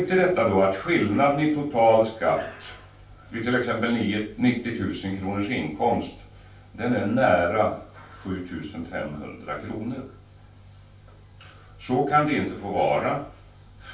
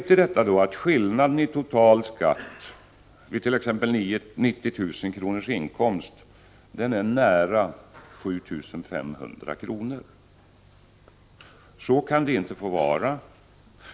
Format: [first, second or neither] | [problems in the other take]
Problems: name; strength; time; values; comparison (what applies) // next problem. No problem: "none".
second | room echo; dies away in 0.3 s